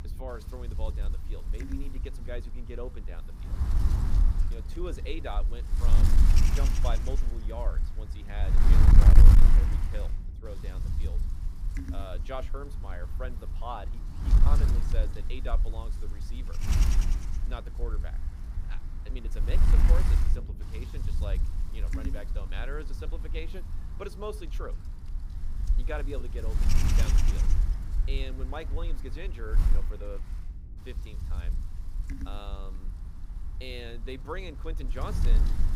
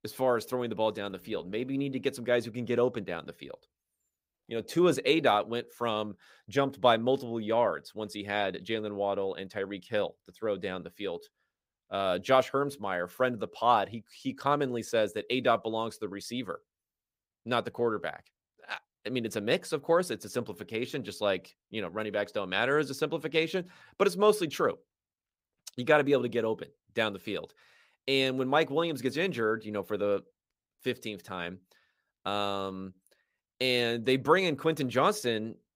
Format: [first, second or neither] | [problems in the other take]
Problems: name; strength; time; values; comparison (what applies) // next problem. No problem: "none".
second | wind noise on the microphone; heavy; 2 dB below the speech